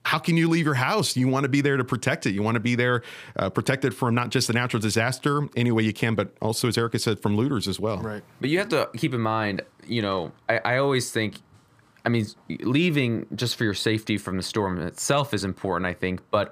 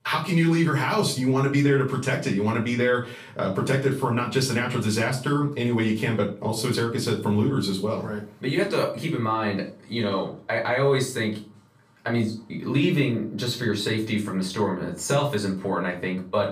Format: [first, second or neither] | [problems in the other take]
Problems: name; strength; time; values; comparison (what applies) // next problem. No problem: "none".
first | off-mic speech; far // room echo; slight; dies away in 0.3 s